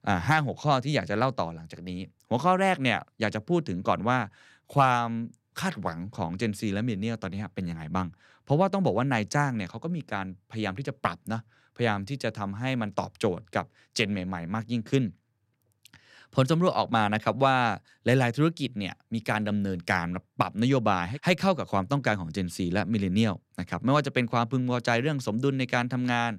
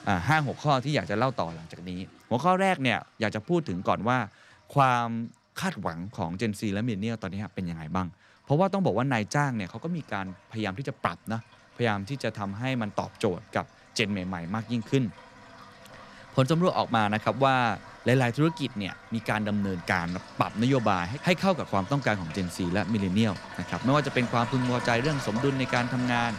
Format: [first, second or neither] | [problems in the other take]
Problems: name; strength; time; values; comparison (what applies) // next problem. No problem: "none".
first | household noises; noticeable; throughout; 15 dB below the speech